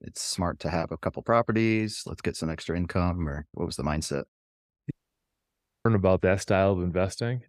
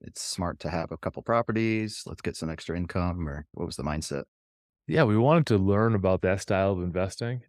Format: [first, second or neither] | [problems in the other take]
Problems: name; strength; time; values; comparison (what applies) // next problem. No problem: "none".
second | audio cutting out; at 5 s for 1 s